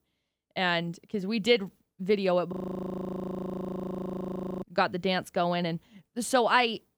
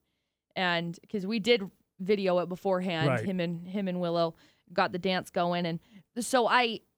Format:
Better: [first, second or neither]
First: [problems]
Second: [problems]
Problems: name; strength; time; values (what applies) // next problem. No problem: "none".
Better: second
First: audio freezing; at 2.5 s for 2 s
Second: none